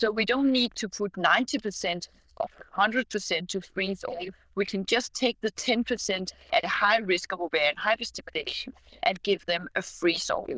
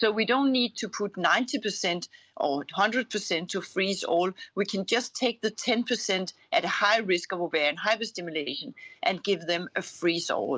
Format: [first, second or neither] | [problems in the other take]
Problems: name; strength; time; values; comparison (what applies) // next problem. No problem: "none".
second | noise reduction (neural diffusion model UNIVERSE++)